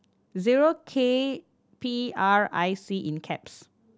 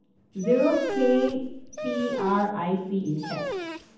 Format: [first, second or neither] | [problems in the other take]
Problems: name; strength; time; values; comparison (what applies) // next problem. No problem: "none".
first | background sound (Dog); 6 dB below the speech // room echo; dies away in 0.8 s